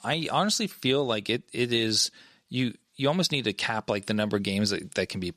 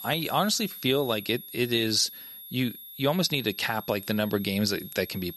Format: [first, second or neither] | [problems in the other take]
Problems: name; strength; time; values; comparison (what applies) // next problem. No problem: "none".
first | high-pitched whine; noticeable; throughout; 11.5 kHz, 15 dB below the speech